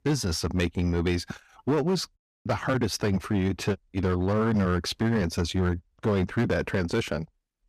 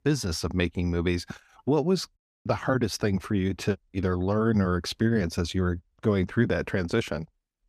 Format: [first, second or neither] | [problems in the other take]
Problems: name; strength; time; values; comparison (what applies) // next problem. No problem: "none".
second | distortion; slight; 9% of the sound clipped